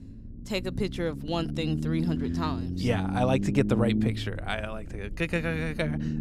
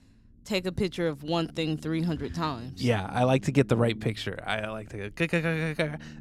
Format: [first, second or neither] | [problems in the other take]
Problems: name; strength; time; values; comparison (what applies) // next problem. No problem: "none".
second | low rumble; loud; throughout; 7 dB below the speech; faint in the second